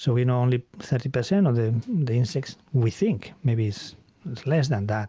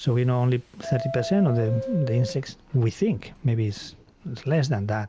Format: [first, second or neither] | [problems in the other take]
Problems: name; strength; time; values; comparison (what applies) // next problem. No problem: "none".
first | background sound (Subway, metro, underground); 13 dB below the speech